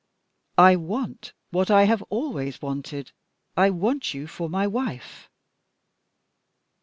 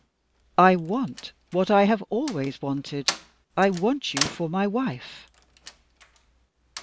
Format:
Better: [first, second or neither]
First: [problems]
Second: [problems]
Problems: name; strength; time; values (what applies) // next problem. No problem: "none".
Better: first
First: none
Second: background sound (Slam); 12 dB below the speech